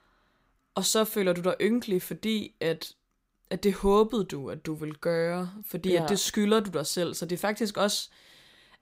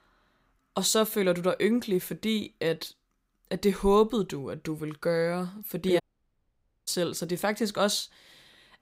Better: first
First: none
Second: audio cutting out; at 6 s for 1 s

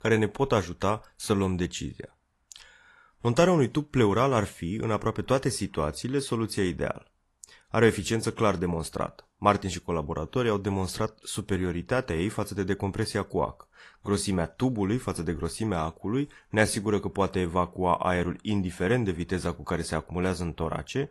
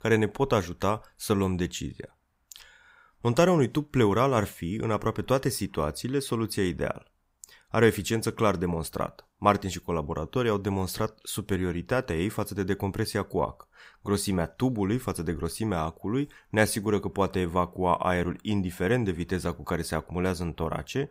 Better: second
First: garbled, watery; slightly; nothing above 11.5 kHz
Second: none

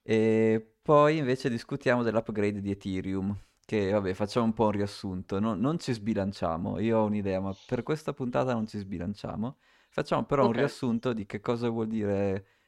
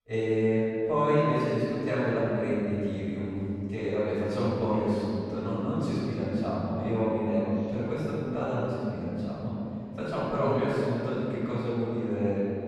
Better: first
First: none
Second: off-mic speech; far // room echo; strong; dies away in 3 s

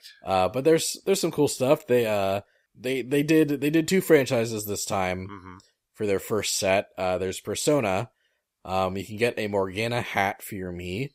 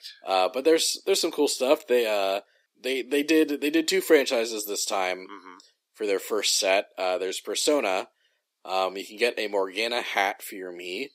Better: first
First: none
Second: thin; very slightly; fading below 300 Hz

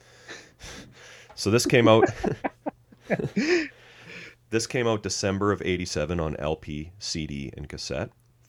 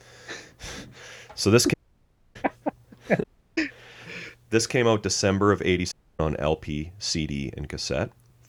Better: first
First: none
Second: audio cutting out; at 1.5 s for 0.5 s, at 3 s and at 6 s

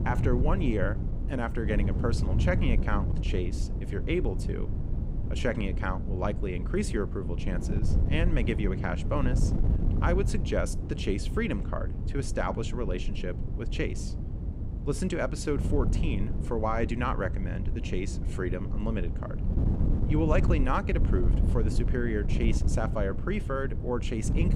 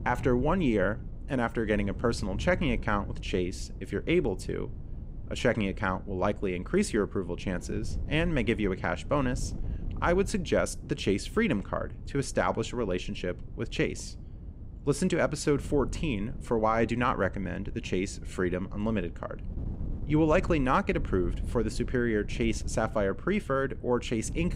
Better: second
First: wind noise on the microphone; heavy; 9 dB below the speech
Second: wind noise on the microphone; occasional gusts; 20 dB below the speech

